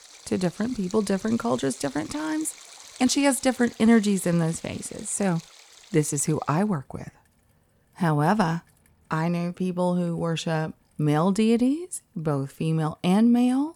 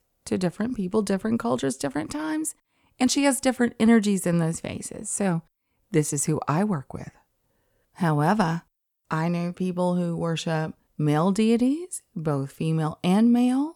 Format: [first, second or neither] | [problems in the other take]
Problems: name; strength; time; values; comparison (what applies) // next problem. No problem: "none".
second | rain or running water; faint; throughout; 20 dB below the speech